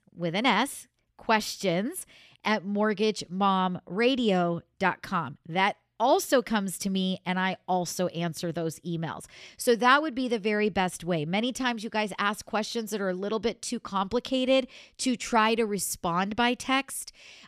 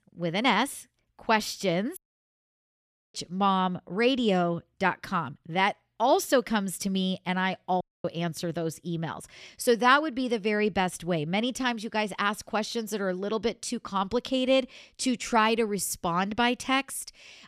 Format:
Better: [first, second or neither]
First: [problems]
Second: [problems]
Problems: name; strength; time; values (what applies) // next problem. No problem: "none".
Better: first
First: none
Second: audio cutting out; at 2 s for 1 s and at 8 s